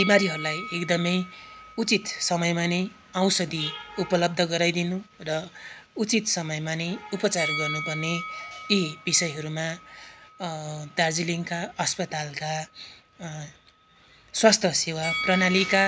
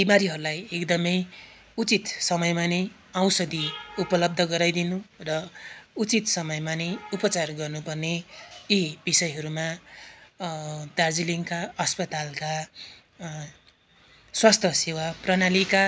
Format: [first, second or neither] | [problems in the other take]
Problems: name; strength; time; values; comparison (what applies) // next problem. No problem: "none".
second | background sound (Bell); 12 dB below the speech